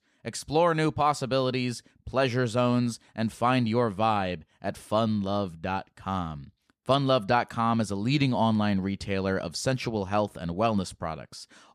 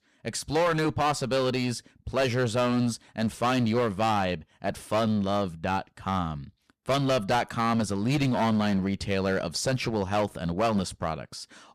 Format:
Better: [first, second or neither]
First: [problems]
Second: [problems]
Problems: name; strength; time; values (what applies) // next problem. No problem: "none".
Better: first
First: none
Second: distortion; heavy; 12% of the sound clipped